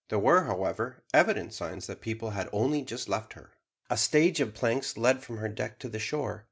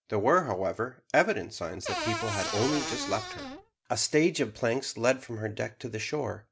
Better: first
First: none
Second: background sound (Cupboard open or close / Door); 5 dB below the speech

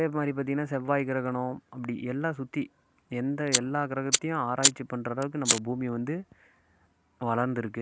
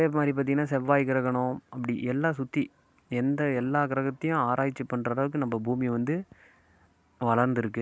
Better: second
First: background sound (Fire); 1 dB above the speech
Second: none

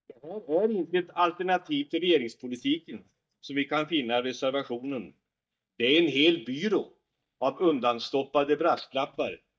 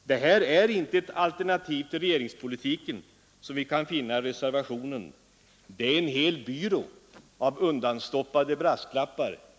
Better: second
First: noise reduction (neural mask model DeepFilterNet 3)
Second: none

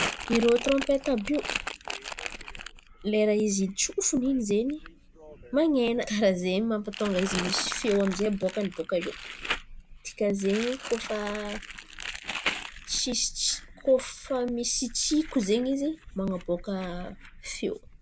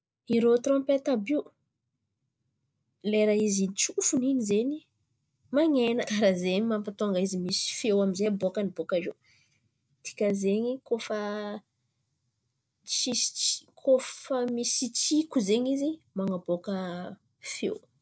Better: second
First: background sound (Crumpling, crinkling); 10 dB below the speech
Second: none

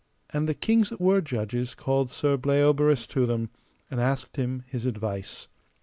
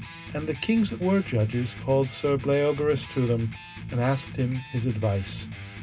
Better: first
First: none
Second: background sound (Electric guitar); 12 dB below the speech // room echo; dies away in 0.2 s

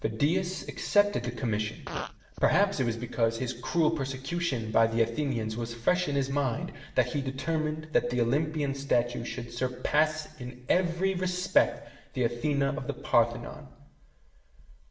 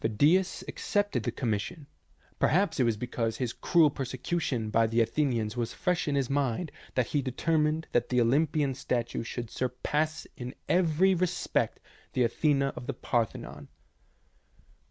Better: second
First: background sound (Fart); 13 dB below the speech // room echo; dies away in 0.8 s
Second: none

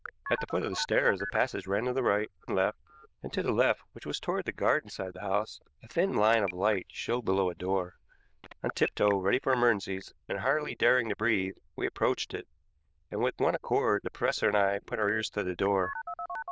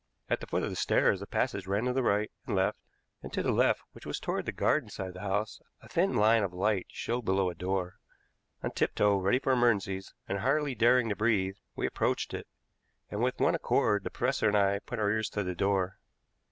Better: second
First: noise reduction (neural diffusion model UNIVERSE++)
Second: none

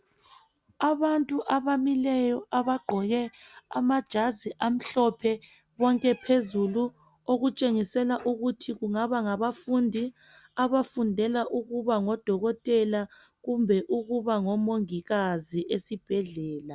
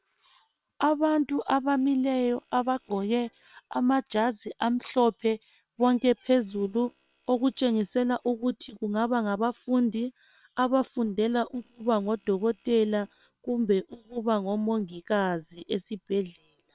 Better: first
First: none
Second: noise reduction (neural separator model SepFormer WHAM!)

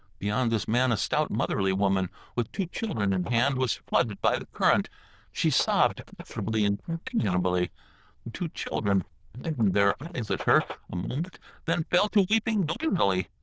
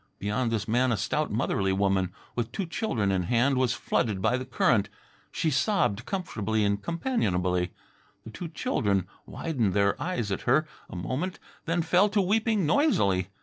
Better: second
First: noise reduction (neural diffusion model UNIVERSE++)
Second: none

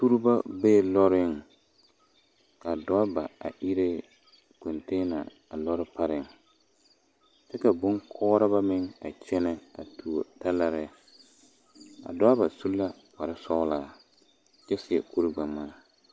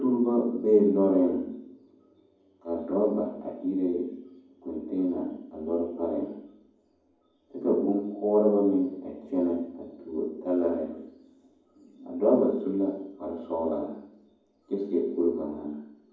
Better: first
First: none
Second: room echo; dies away in 1.2 s

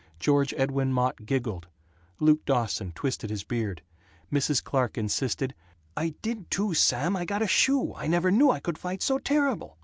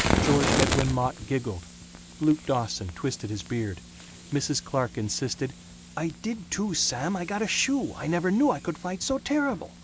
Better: first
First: none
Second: background sound (Fire); 5 dB below the speech

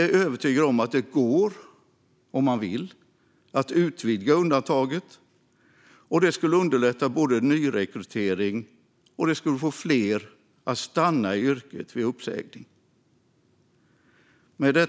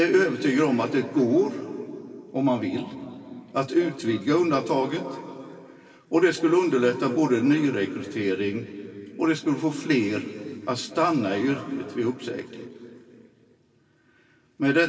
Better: first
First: none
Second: room echo; dies away in 3 s

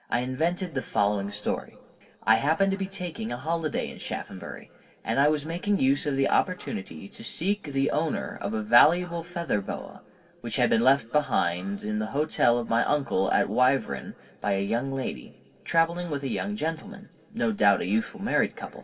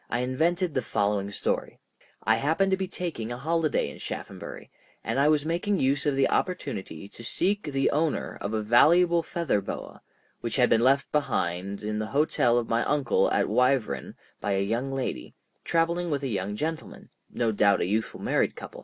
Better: second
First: room echo; dies away in 2 s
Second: none

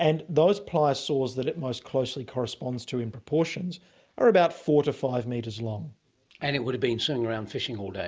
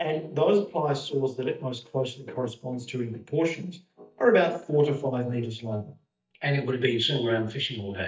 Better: first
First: none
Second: noise reduction (neural mask model DeepFilterNet 3)

